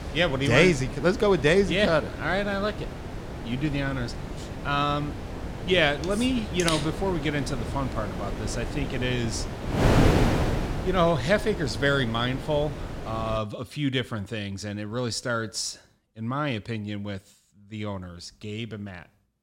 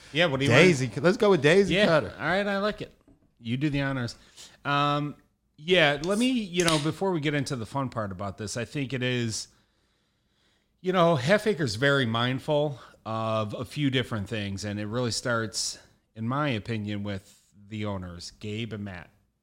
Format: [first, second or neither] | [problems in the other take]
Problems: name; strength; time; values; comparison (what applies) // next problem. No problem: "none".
second | wind noise on the microphone; heavy; until 13 s; 8 dB below the speech